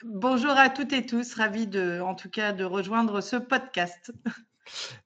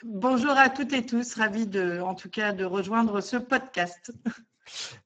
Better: first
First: garbled, watery; slightly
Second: garbled, watery; badly; nothing above 7.5 kHz

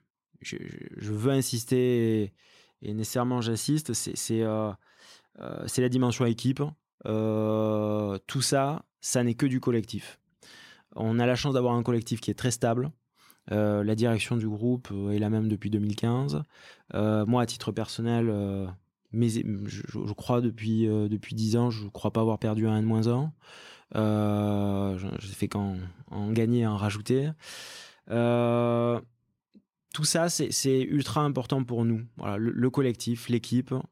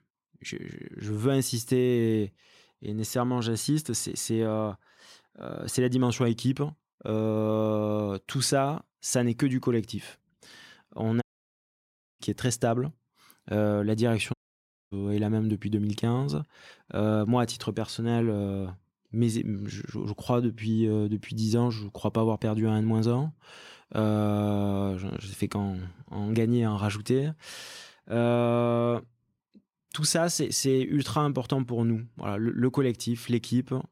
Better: first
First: none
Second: audio cutting out; at 11 s for 1 s and at 14 s for 0.5 s

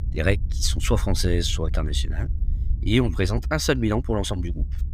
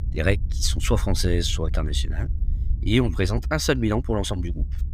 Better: neither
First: low rumble; faint; throughout; 20 dB below the speech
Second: low rumble; faint; throughout; 20 dB below the speech

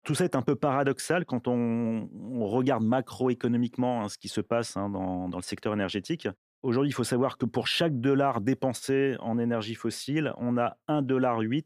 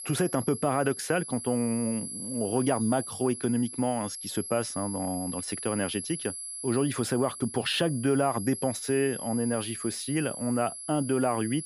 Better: first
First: none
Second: high-pitched whine; loud; throughout; 11 kHz, 7 dB below the speech

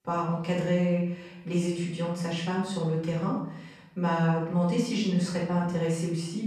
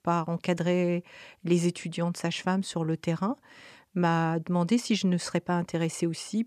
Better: second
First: off-mic speech; far // room echo; noticeable; dies away in 0.8 s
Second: none

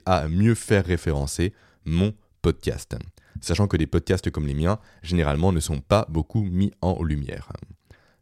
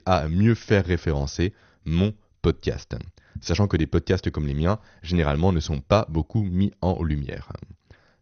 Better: first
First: none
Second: garbled, watery; slightly; nothing above 6.5 kHz

